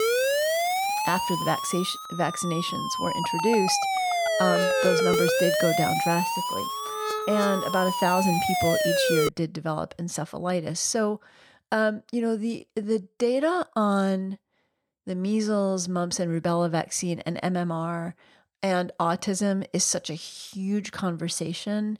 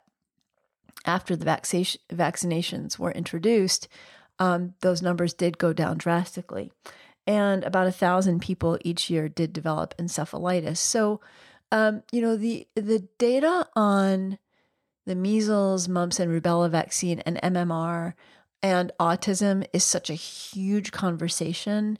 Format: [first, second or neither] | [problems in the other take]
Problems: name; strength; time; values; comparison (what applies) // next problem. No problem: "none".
second | siren; loud; until 9.5 s; peak 5 dB above the speech